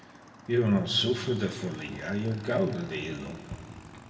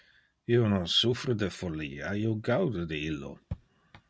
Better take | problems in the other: second | background sound (Motorcycle / Engine); 18 dB below the speech // room echo; dies away in 1.8 s

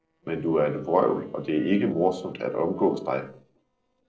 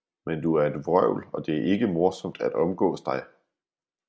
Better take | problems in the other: second | noise reduction (neural separator model SepFormer DNS4)

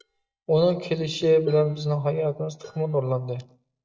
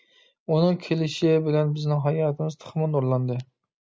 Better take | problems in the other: second | noise reduction (neural mask model DeepFilterNet 3)

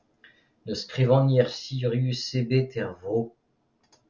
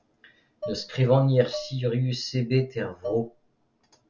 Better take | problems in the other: first | background sound (Dishes, pots, and pans); 14 dB below the speech

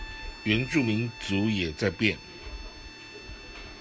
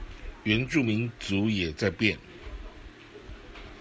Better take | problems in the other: second | background sound (Bowed string instrument); 15 dB below the speech

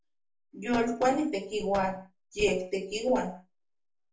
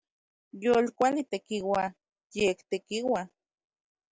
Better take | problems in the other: second | room echo; dies away in 0.3 s

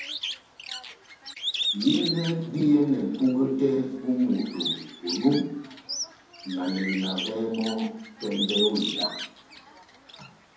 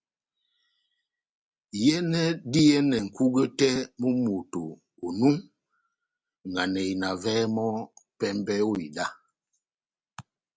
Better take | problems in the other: second | background sound (Bird); 7 dB below the speech // room echo; dies away in 1.2 s

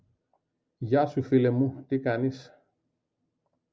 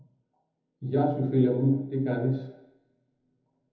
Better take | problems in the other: first | room echo; dies away in 1.1 s

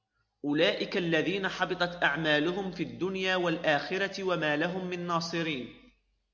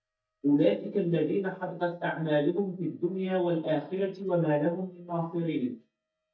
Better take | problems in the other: first | noise reduction (neural mask model DeepFilterNet 3)

